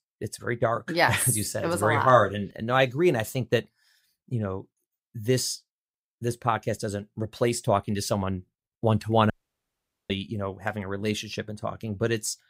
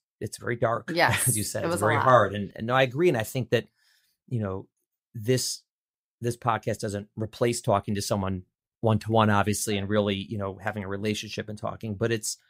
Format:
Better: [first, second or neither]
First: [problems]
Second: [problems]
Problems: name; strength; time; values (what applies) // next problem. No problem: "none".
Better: second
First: audio cutting out; at 9.5 s for 1 s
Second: none